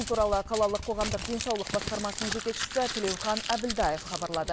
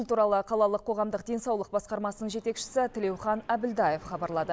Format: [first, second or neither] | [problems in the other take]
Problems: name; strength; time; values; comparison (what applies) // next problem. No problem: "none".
second | background sound (Crumpling, crinkling); 6 dB below the speech